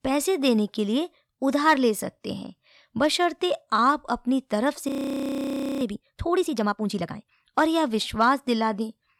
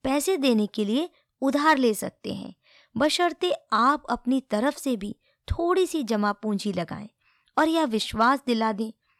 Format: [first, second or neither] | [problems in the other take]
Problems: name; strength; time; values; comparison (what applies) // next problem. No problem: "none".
second | audio freezing; at 5 s for 1 s